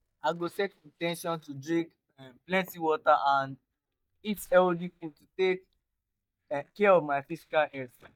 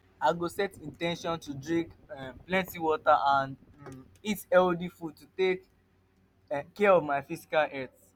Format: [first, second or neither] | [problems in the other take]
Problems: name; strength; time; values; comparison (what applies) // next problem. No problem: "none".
second | noise reduction (neural mask model DeepFilterNet 3)